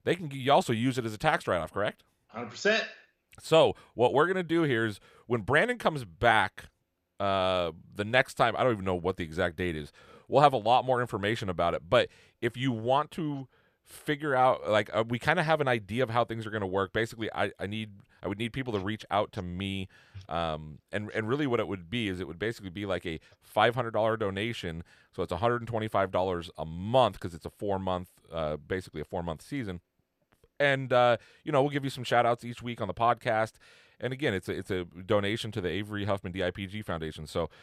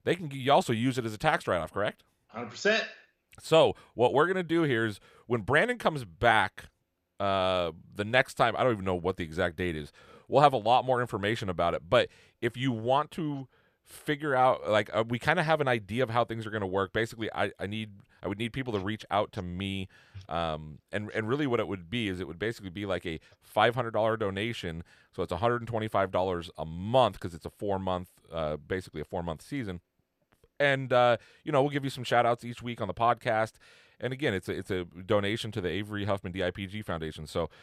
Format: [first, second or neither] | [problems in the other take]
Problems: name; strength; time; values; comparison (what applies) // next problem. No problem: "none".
neither | none